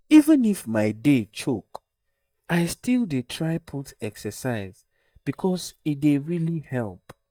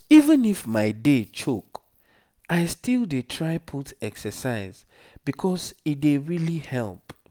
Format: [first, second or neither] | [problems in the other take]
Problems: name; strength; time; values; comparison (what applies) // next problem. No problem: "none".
second | noise reduction (neural mask model DeepFilterNet 3)